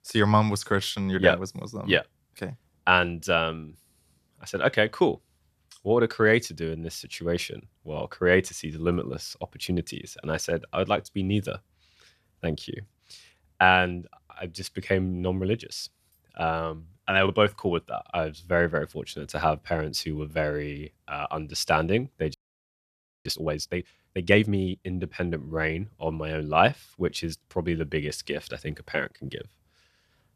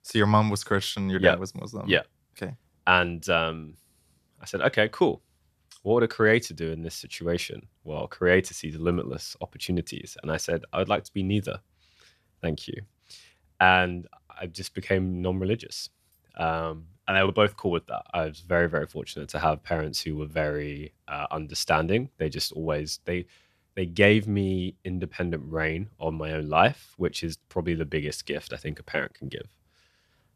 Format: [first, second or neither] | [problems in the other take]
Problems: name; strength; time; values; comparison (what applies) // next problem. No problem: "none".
second | audio freezing; at 22 s for 1 s